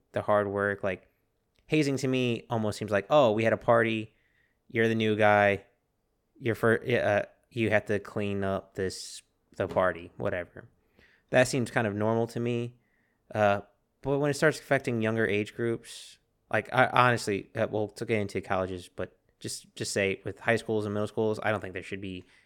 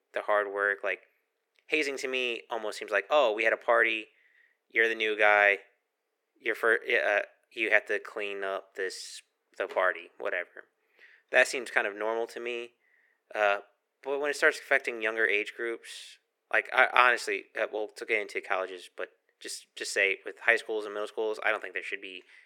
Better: first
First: none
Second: thin; very; fading below 400 Hz

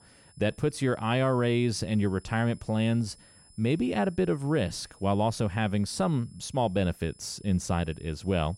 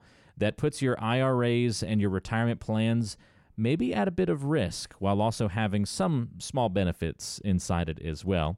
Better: second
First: high-pitched whine; faint; throughout; 10 kHz, 25 dB below the speech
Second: none

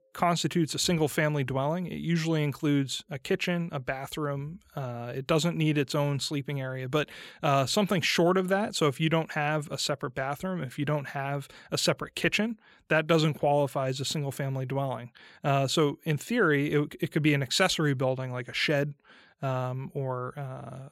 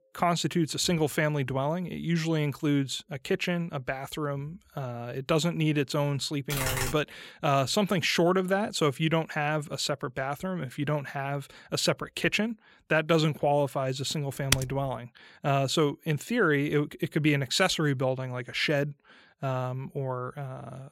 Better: first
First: none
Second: keyboard typing; noticeable; at 6.5 s; peak 1 dB below the speech // keyboard typing; very faint; at 15 s; peak level with the speech

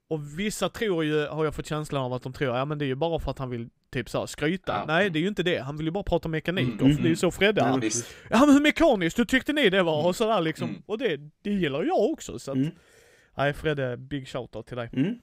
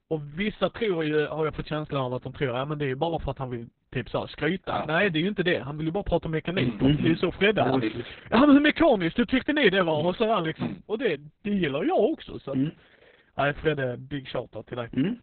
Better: first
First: none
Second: garbled, watery; badly; nothing above 3.5 kHz

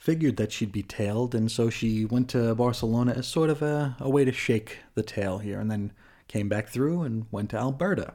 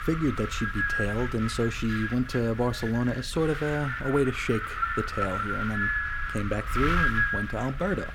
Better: first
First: none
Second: wind noise on the microphone; heavy; 3 dB above the speech

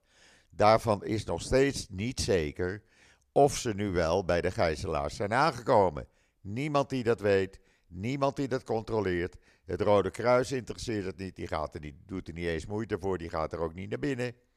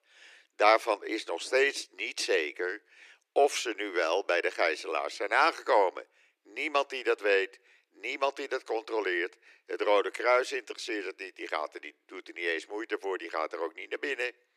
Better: first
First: none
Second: thin; very; fading below 300 Hz

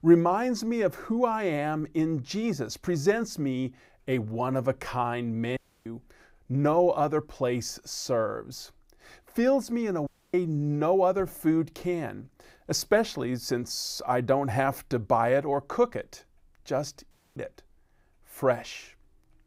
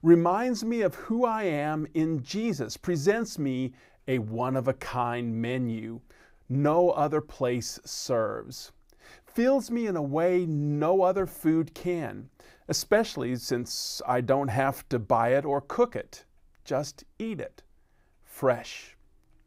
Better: second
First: audio cutting out; at 5.5 s, at 10 s and at 17 s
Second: none

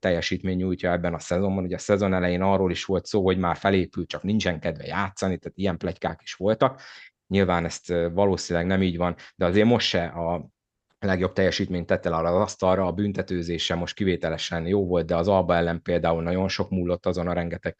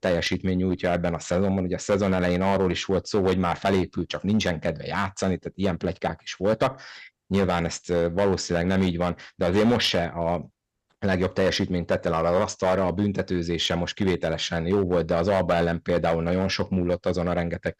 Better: first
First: none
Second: distortion; slight; 6% of the sound clipped

